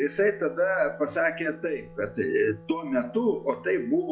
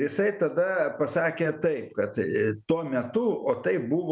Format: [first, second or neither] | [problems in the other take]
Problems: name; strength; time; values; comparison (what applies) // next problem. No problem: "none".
second | noise reduction (classical method log-MMSE)